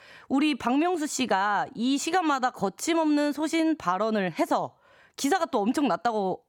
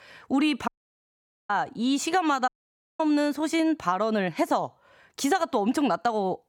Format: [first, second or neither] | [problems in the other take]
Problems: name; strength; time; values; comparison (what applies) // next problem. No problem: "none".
first | audio cutting out; at 0.5 s for 1 s and at 2.5 s for 0.5 s